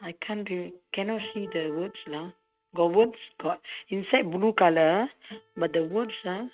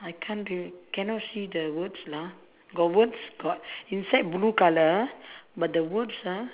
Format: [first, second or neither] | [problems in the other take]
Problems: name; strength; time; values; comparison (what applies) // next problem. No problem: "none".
second | noise reduction (neural mask model RNNoise)